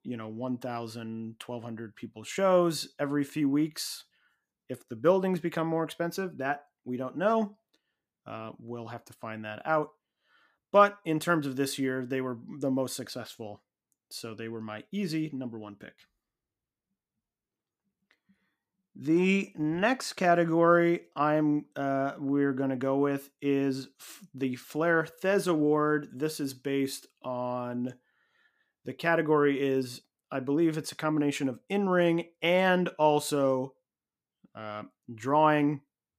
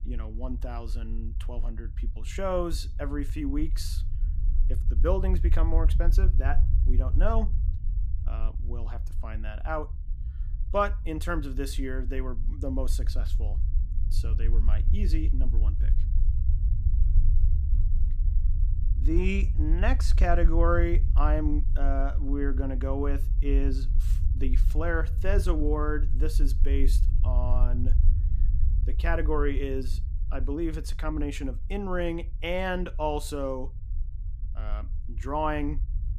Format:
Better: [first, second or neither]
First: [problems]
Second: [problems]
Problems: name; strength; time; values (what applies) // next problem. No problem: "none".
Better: first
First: none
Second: low rumble; noticeable; throughout; 15 dB below the speech